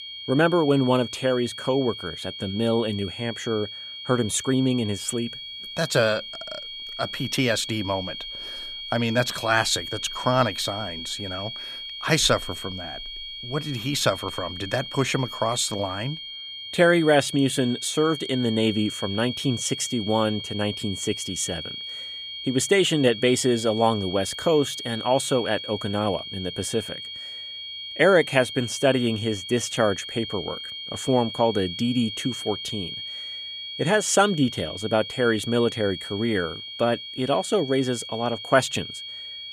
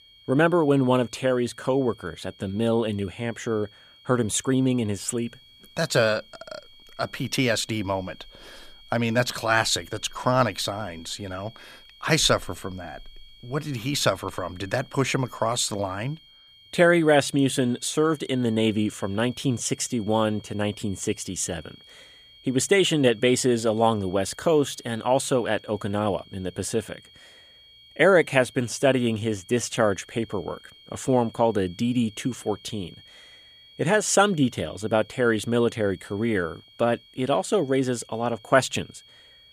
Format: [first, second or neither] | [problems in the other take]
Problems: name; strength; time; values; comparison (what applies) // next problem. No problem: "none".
second | high-pitched whine; loud; throughout; 3.5 kHz, 9 dB below the speech; faint in the second